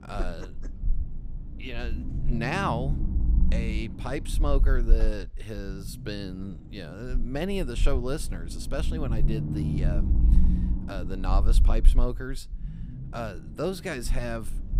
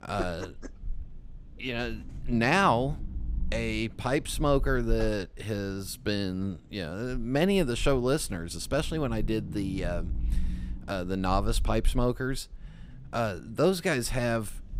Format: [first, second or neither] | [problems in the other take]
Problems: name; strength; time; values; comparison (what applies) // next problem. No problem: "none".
second | low rumble; loud; throughout; 10 dB below the speech; faint in the second